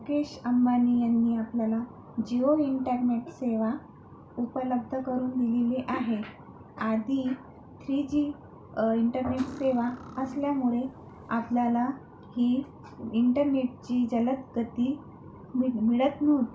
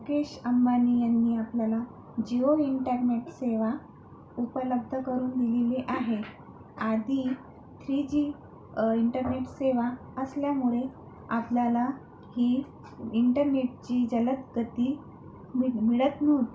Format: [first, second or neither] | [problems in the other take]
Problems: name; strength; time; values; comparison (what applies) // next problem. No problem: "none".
second | background sound (Cutlery, silverware); 15 dB below the speech